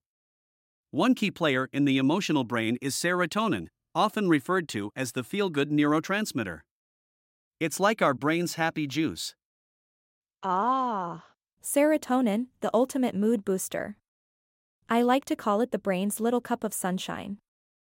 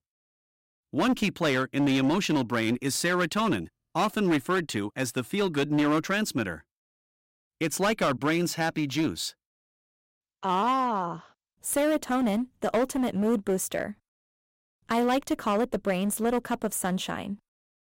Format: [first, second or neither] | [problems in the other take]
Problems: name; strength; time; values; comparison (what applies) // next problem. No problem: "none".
first | distortion; slight; 10% of the sound clipped